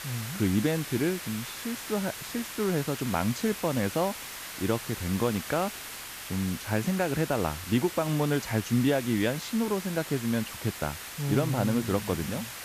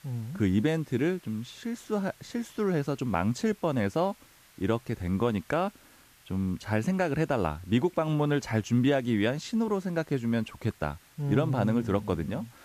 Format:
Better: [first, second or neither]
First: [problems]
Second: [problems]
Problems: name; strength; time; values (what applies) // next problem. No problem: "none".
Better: second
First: hiss; loud; throughout; 8 dB below the speech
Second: hiss; faint; throughout; 25 dB below the speech